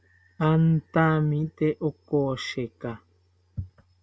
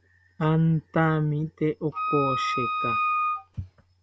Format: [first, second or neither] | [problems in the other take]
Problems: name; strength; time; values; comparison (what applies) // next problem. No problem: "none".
first | background sound (Wind instrument, woodwind instrument); 1 dB below the speech